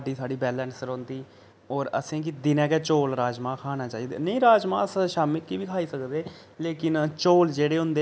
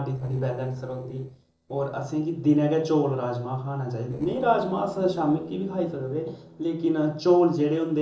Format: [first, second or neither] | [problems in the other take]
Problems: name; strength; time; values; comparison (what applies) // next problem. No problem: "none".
first | noise reduction (neural separator model SepFormer DNS4)